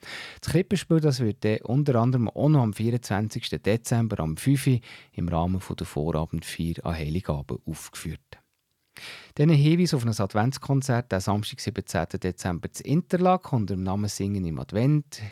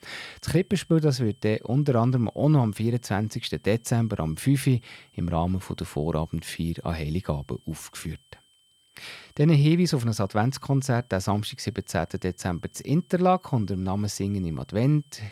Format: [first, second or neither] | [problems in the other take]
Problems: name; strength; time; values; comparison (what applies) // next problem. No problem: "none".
first | high-pitched whine; faint; throughout; 3 kHz, 35 dB below the speech